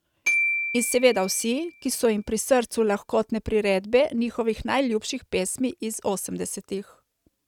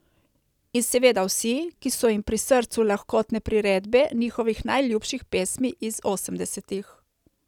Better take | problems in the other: second | noise reduction (neural mask model RNNoise)

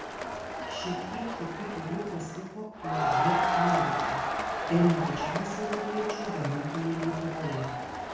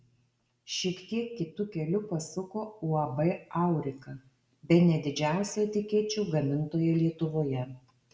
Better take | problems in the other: second | background sound (Crowd); 1 dB above the speech // room echo; dies away in 0.9 s

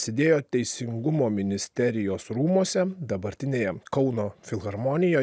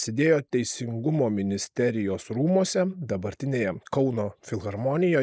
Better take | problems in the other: first | noise reduction (neural mask model Resemble Enhance denoiser)

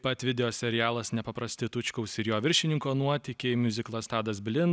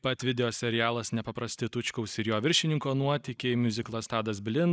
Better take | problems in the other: first | noise reduction (neural mask model Resemble Enhance denoiser)

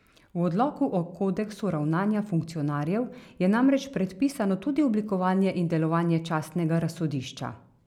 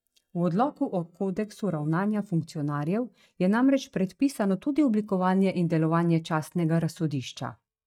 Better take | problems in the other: first | noise reduction (neural mask model DeepFilterNet 3)

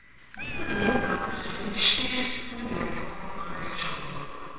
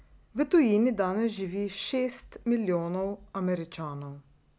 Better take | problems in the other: second | noise reduction (neural separator model SepFormer WHAMR!)

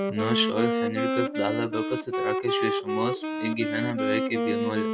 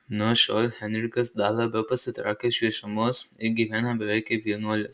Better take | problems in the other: second | background sound (Wind instrument, woodwind instrument); 2 dB above the speech

